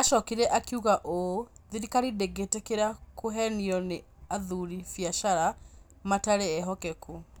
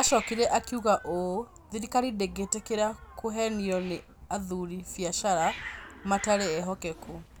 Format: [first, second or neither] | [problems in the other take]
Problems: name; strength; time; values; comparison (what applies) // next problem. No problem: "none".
first | background sound (Hiss); 16 dB below the speech